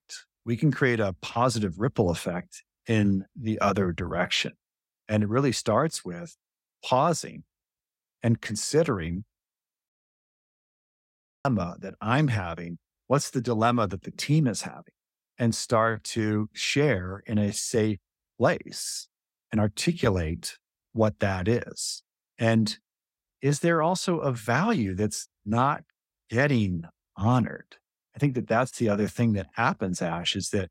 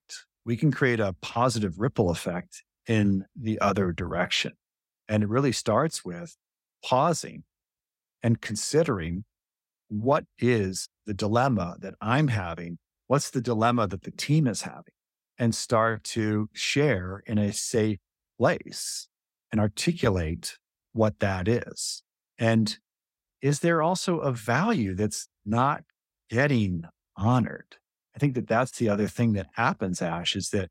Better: second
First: audio cutting out; at 10 s for 1.5 s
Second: none

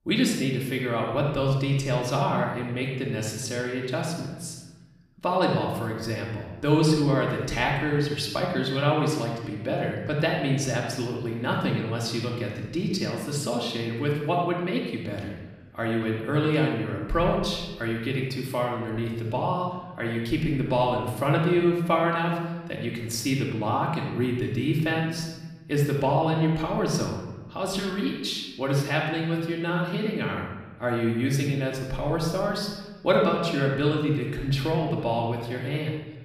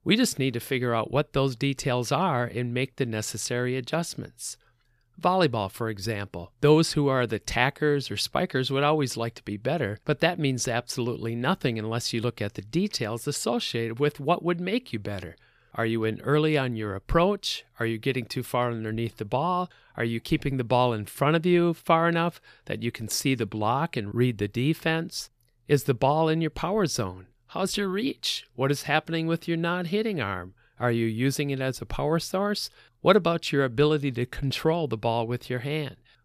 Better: second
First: room echo; noticeable; dies away in 1 s // off-mic speech; far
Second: none

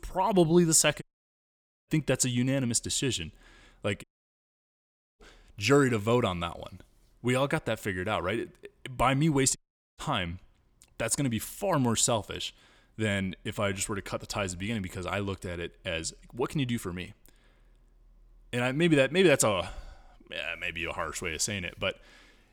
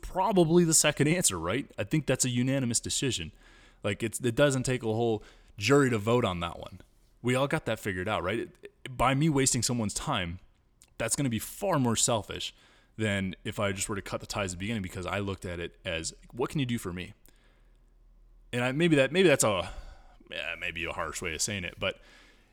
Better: second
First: audio cutting out; at 1 s for 1 s, at 4 s for 1 s and at 9.5 s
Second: none

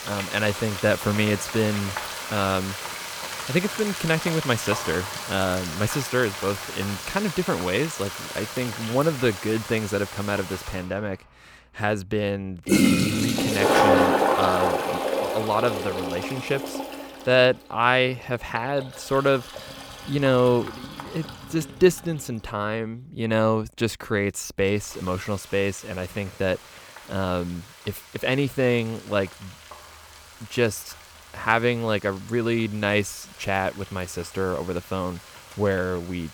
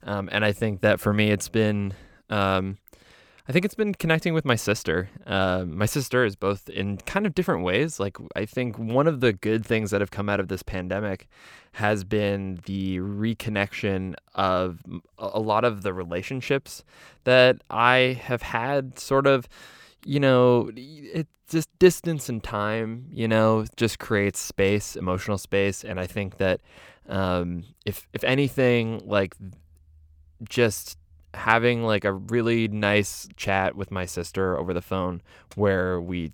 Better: second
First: household noises; loud; throughout; 2 dB below the speech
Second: none

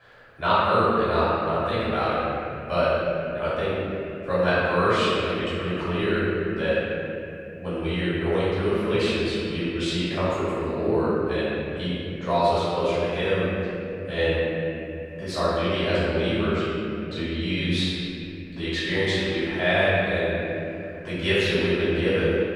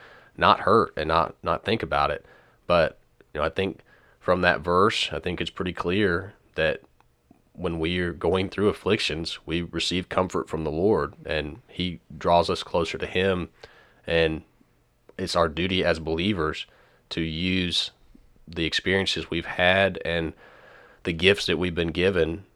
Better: second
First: room echo; strong; dies away in 2.9 s // off-mic speech; far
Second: none

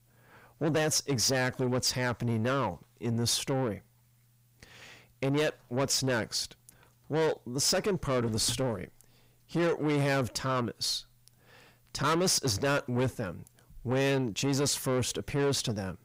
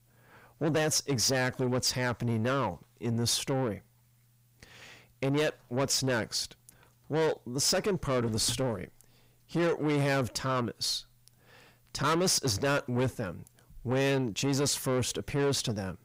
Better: neither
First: distortion; heavy; 6 dB below the speech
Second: distortion; heavy; 6 dB below the speech

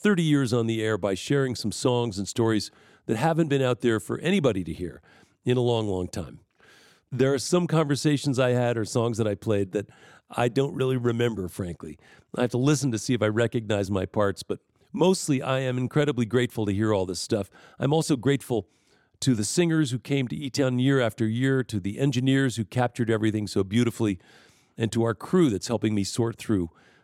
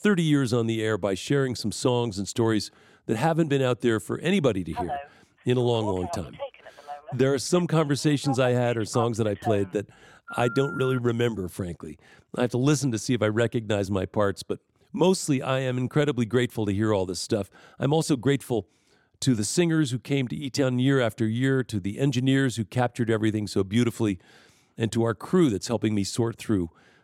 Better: first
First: none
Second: phone ringing; noticeable; from 5 to 11 s; peak 8 dB below the speech

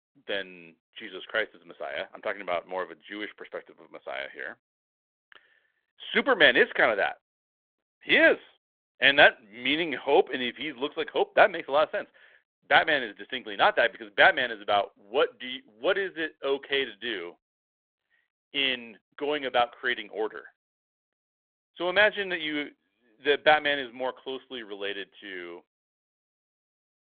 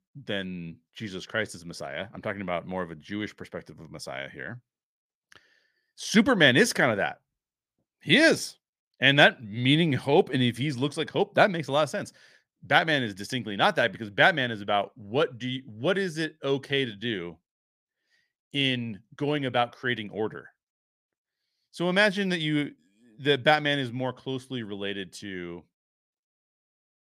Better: second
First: phone-call audio; nothing above 3.5 kHz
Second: none

